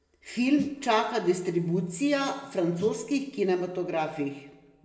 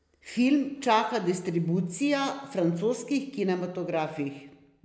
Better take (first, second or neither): second